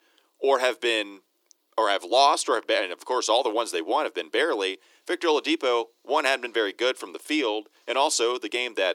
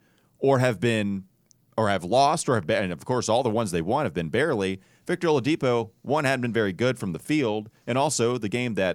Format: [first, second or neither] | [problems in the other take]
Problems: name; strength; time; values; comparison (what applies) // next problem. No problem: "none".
second | thin; very; fading below 300 Hz